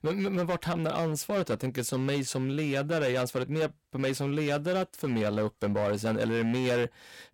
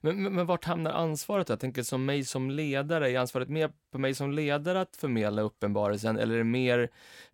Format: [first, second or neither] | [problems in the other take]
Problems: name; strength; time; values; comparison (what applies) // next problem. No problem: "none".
second | distortion; slight; 13% of the sound clipped